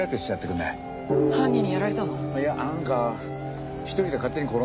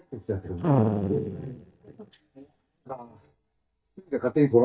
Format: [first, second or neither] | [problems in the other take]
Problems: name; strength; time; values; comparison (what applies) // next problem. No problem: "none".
first | noise reduction (neural mask model DeepFilterNet 3)